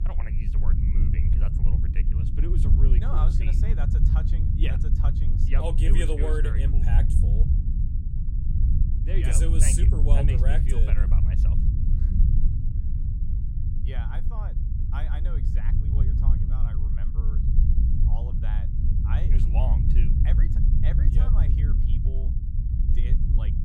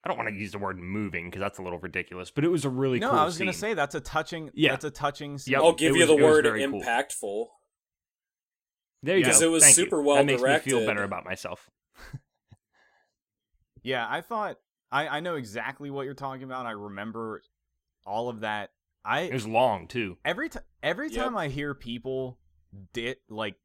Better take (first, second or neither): second